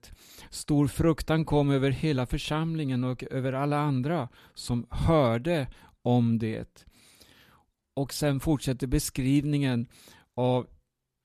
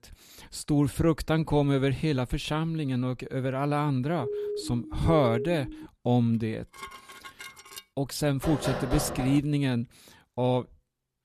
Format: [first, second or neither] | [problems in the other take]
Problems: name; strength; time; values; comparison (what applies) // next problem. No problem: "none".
first | siren; noticeable; from 4 to 6 s; peak 5 dB below the speech // clattering dishes; faint; from 6.5 to 8 s; peak 15 dB below the speech // door banging; noticeable; at 8.5 s; peak 5 dB below the speech